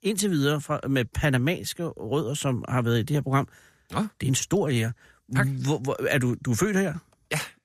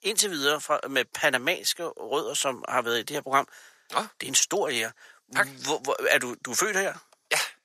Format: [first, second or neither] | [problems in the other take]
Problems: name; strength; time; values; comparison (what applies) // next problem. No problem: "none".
first | thin; very; fading below 650 Hz